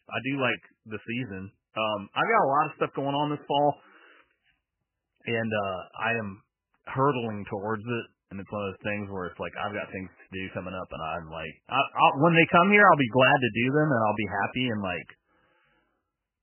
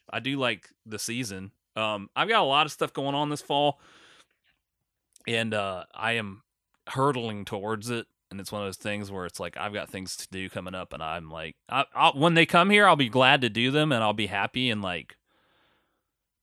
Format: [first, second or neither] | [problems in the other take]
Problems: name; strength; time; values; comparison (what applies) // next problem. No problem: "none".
second | garbled, watery; badly; nothing above 3 kHz